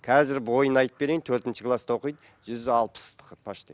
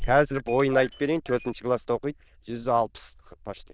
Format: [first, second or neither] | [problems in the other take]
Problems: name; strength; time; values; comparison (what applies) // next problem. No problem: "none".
first | noise reduction (neural diffusion model UNIVERSE++)